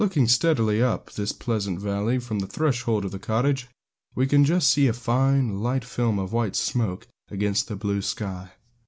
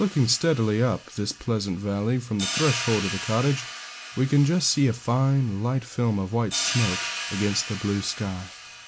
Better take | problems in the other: first | background sound (Hi-hat); 10 dB below the speech

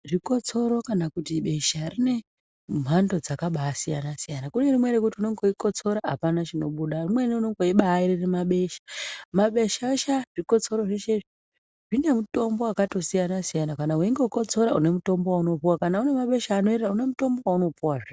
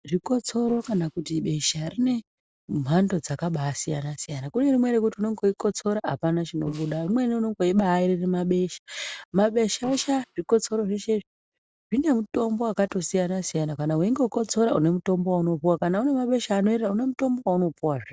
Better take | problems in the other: first | noise reduction (neural separator model SepFormer DNS4)

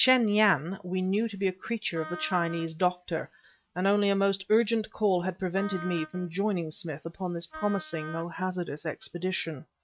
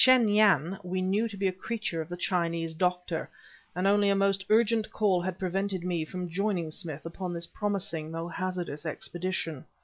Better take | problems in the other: second | noise reduction (neural mask model RNNoise)

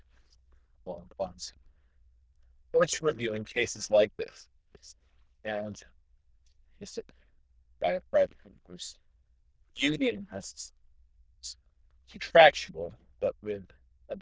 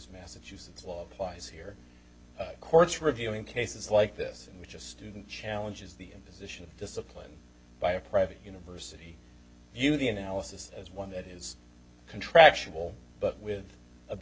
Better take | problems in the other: second | noise reduction (neural diffusion model UNIVERSE++)

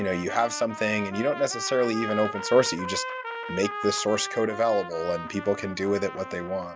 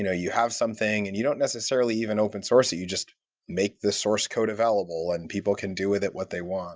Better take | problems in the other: second | background sound (Trumpet); 9 dB below the speech

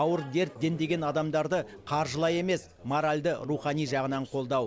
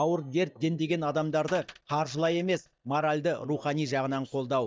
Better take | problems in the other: first | noise reduction (neural mask model DeepFilterNet 3)

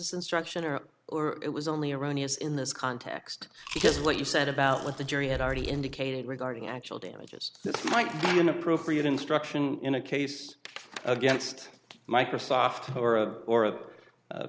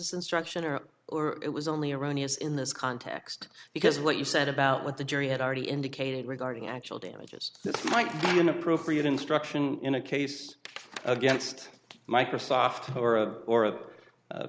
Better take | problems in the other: second | background sound (Chewing, mastication); 10 dB below the speech

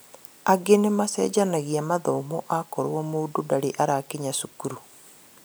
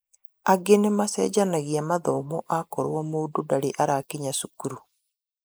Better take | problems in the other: first | noise reduction (neural mask model Resemble Enhance denoiser)

